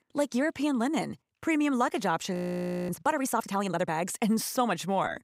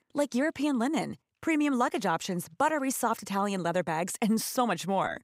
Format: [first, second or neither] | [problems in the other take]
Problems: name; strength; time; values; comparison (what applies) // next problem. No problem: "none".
second | audio freezing; at 2.5 s for 0.5 s